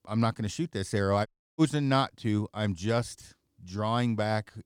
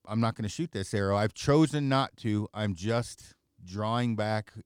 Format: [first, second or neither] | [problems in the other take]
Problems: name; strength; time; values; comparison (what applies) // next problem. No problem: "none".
second | audio cutting out; at 1.5 s